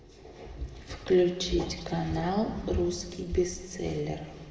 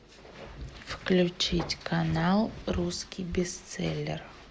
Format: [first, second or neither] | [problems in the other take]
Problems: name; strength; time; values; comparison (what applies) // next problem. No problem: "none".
second | room echo; dies away in 1.5 s